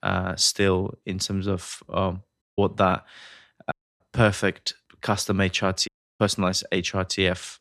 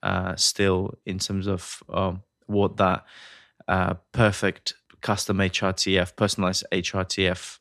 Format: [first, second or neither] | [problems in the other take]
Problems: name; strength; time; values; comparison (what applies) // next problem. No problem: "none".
second | audio cutting out; at 2.5 s, at 3.5 s and at 6 s